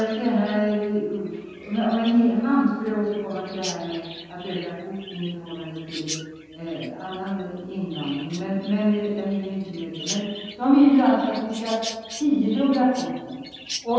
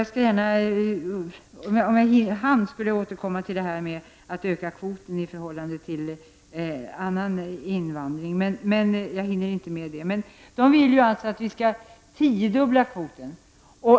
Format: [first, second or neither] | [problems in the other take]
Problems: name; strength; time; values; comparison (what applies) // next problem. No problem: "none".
second | background sound (Chirp, tweet); 16 dB below the speech // room echo; dies away in 1.2 s